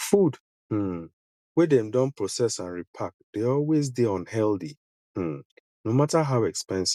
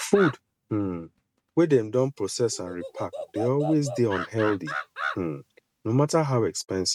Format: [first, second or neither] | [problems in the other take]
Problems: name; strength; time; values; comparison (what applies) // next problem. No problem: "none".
first | noise reduction (neural mask model RNNoise)